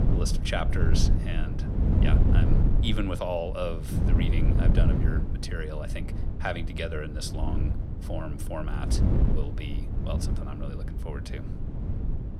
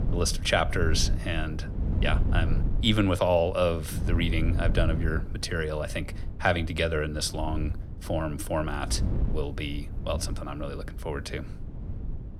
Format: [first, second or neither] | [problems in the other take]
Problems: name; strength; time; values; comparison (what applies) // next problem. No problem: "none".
second | wind noise on the microphone; heavy; 4 dB below the speech; occasional gusts in the second